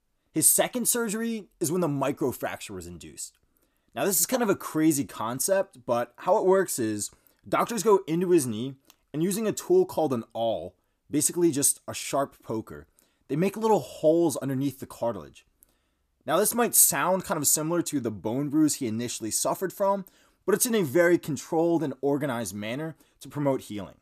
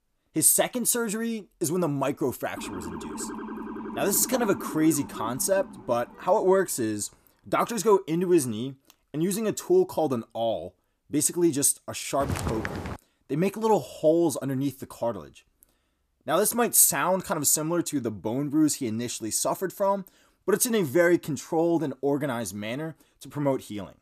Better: first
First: none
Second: siren; faint; from 2.5 to 6.5 s; peak 10 dB below the speech // footsteps; noticeable; at 12 s; peak 6 dB below the speech

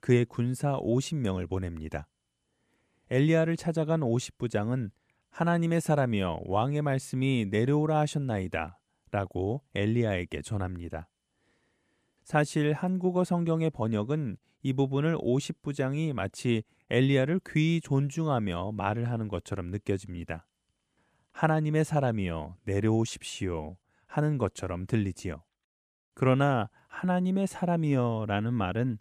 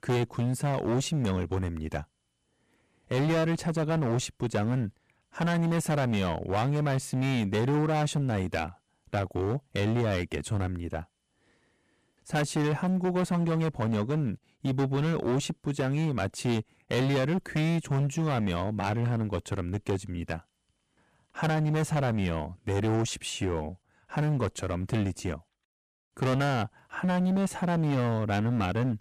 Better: first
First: none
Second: distortion; heavy; 16% of the sound clipped

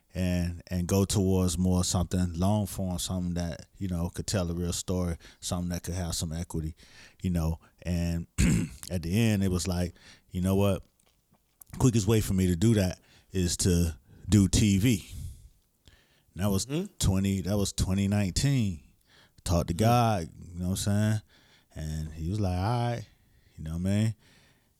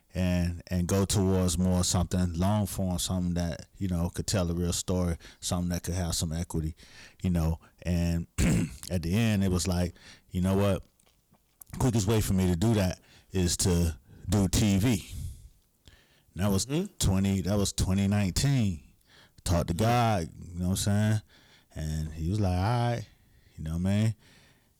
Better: first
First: none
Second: distortion; slight; 8% of the sound clipped

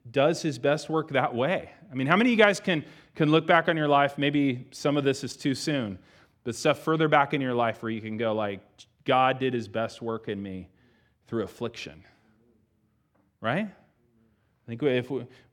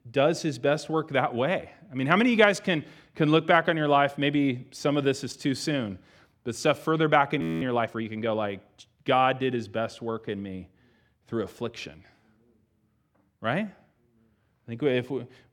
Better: first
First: none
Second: audio freezing; at 7.5 s

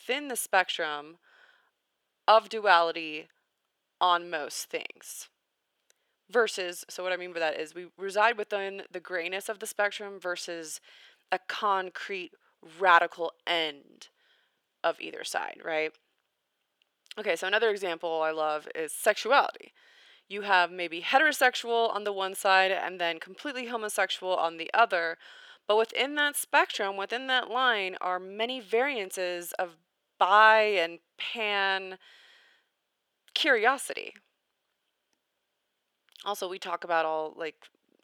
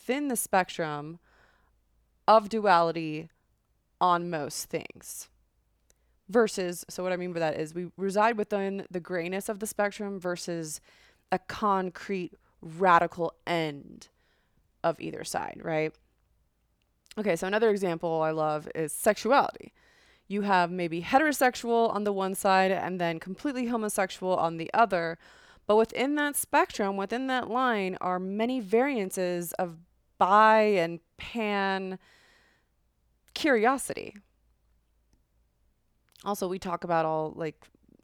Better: second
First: thin; somewhat; fading below 450 Hz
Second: none

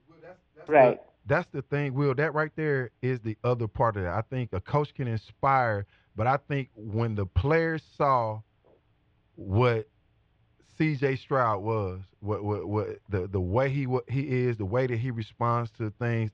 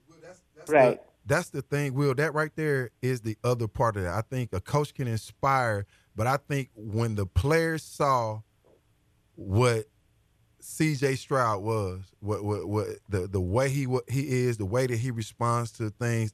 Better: second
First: muffled; slightly; fading above 3.5 kHz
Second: none

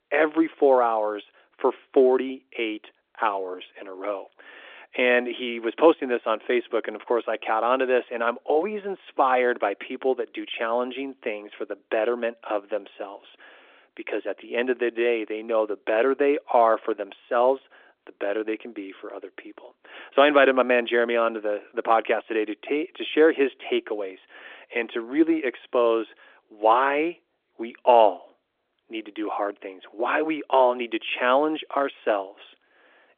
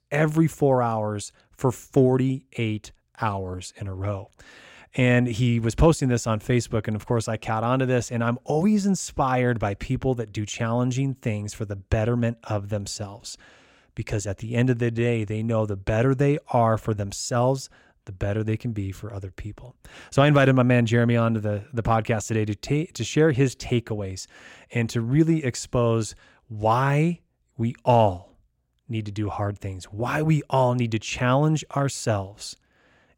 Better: second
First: phone-call audio; nothing above 3.5 kHz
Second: none

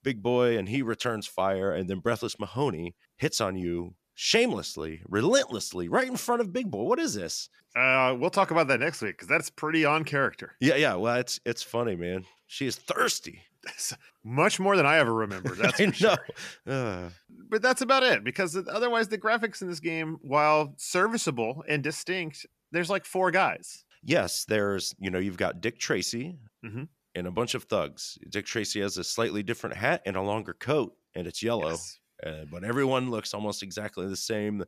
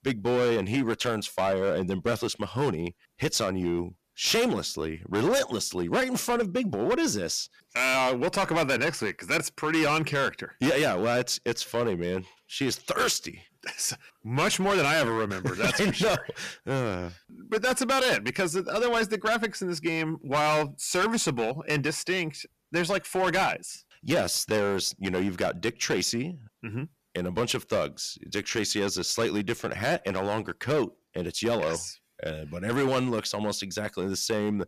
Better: first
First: none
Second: distortion; heavy; 10% of the sound clipped

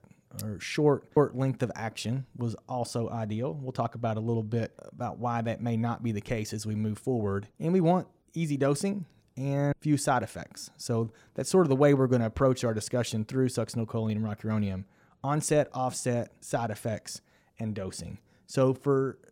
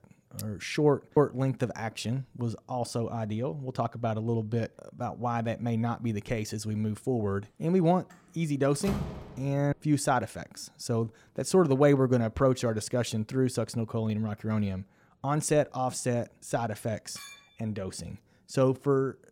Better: first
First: none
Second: door banging; noticeable; at 9 s; peak 7 dB below the speech // clattering dishes; faint; at 17 s; peak 15 dB below the speech

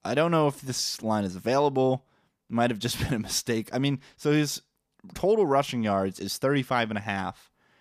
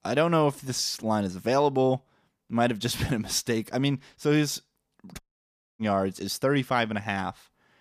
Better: first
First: none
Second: audio cutting out; at 5 s for 0.5 s

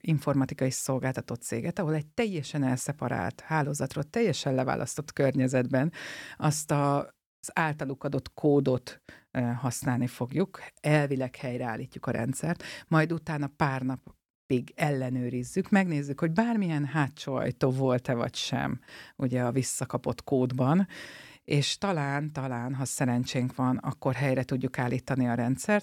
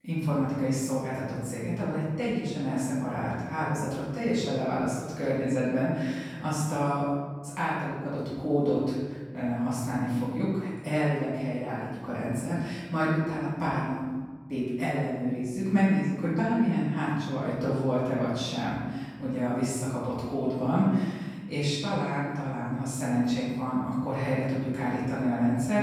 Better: first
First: none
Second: room echo; strong; dies away in 1.3 s // off-mic speech; far

